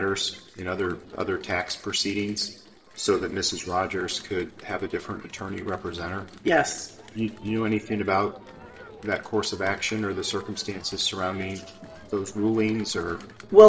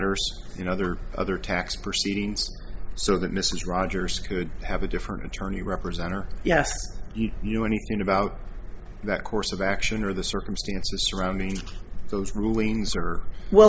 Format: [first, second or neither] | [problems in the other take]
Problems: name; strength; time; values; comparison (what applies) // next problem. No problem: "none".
second | noise reduction (neural separator model SepFormer DNS4)